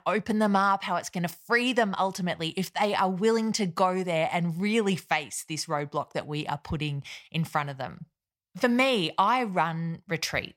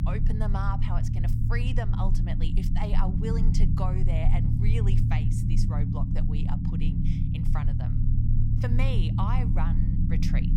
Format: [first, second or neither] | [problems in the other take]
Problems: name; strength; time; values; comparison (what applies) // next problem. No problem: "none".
first | low rumble; loud; throughout; 1 dB below the speech